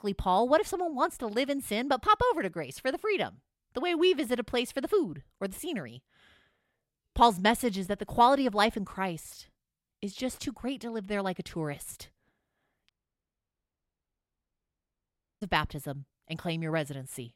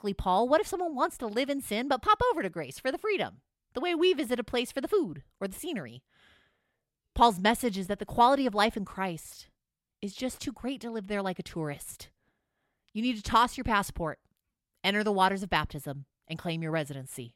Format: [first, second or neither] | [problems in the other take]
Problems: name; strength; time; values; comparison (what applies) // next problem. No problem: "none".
second | audio cutting out; at 13 s for 2.5 s